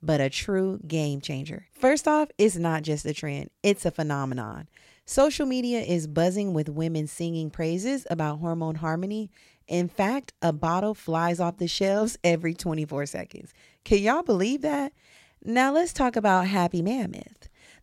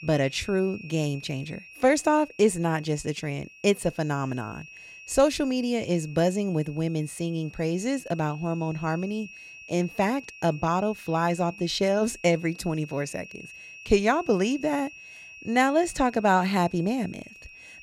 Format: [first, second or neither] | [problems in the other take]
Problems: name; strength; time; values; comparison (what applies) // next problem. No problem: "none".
first | high-pitched whine; noticeable; throughout; 2.5 kHz, 20 dB below the speech